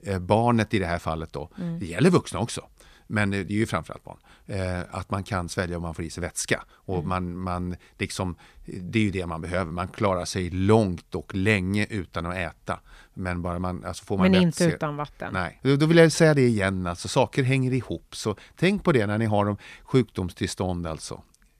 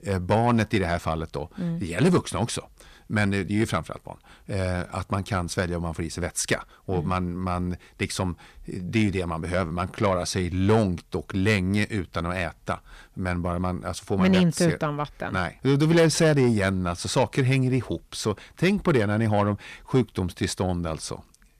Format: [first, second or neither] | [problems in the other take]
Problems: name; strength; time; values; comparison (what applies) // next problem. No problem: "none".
first | distortion; slight; 10 dB below the speech